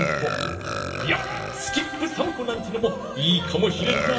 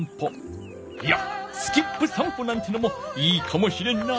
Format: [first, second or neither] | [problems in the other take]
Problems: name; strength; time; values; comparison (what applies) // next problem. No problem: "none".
second | background sound (Burping, eructation); 5 dB below the speech // room echo; dies away in 2.7 s